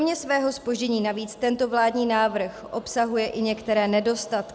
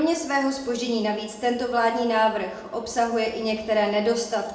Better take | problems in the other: first | room echo; dies away in 0.7 s

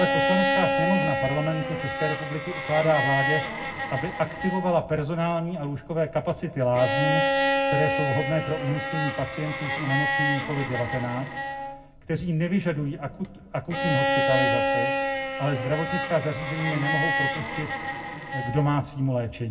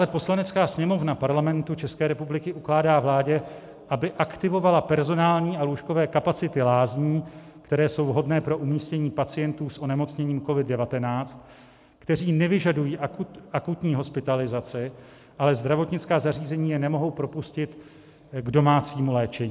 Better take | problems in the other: second | background sound (Bowed string instrument); as loud as the speech // room echo; dies away in 0.4 s

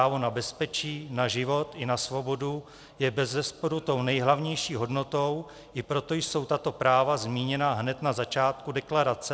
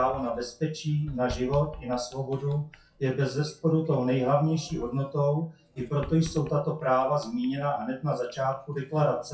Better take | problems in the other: first | noise reduction (classical method WPE with log-MMSE)

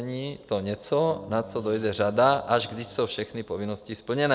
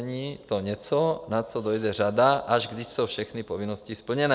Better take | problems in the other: second | background sound (Electric guitar / Strum); 20 dB below the speech

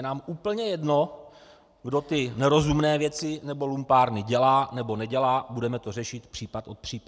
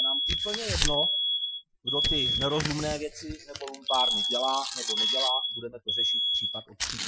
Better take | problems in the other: first | noise reduction (classical method Wiener filter)

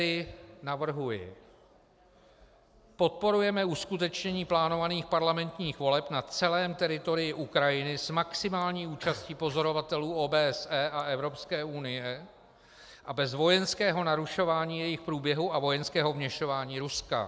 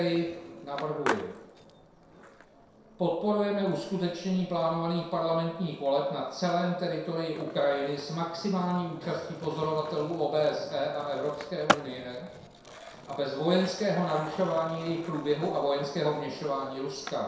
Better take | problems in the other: first | background sound (Skateboard); 11 dB below the speech // room echo; dies away in 0.7 s

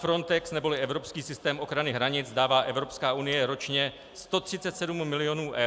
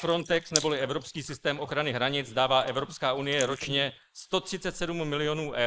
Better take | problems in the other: first | noise reduction (neural mask model Resemble Enhance denoiser)

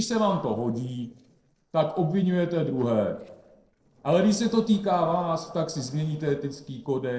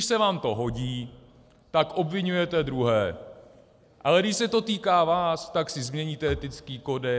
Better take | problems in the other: second | noise reduction (neural separator model SepFormer DNS4)

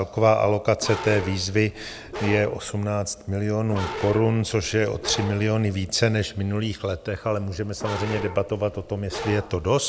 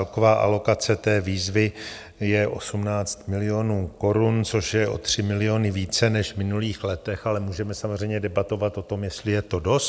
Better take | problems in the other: second | background sound (Bark); 11 dB below the speech

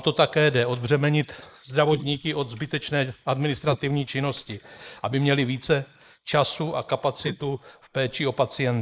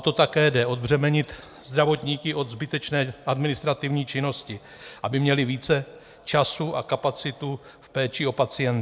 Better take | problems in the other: second | noise reduction (neural mask model Resemble Enhance denoiser)

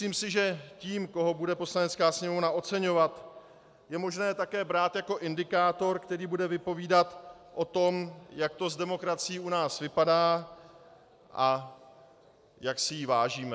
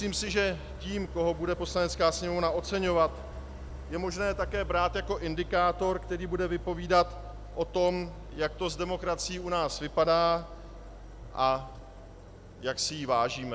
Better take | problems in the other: first | background sound (Idling); 12 dB below the speech

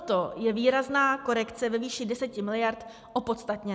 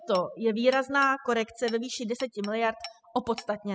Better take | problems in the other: first | noise reduction (classical method spectral subtraction)

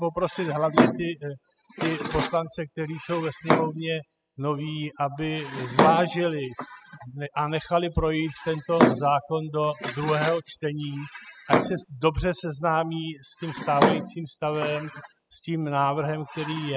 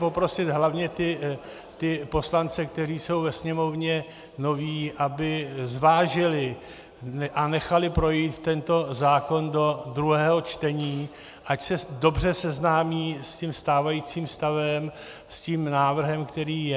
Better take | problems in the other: second | noise reduction (classical method spectral subtraction)

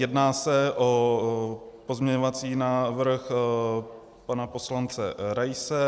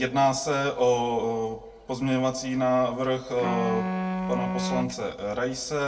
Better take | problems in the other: first | background sound (Wind instrument, woodwind instrument); 4 dB below the speech // room echo; dies away in 0.2 s

